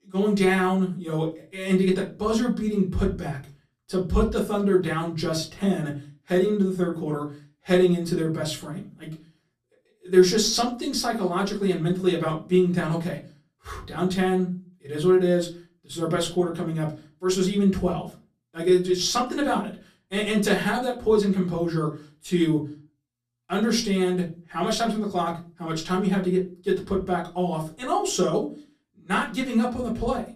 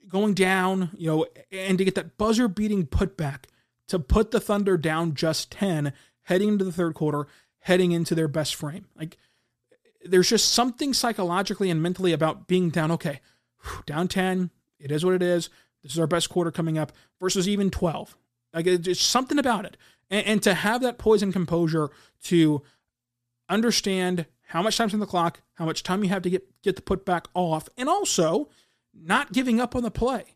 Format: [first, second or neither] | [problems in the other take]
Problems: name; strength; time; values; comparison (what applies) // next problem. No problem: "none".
second | off-mic speech; far // room echo; very slight; dies away in 0.3 s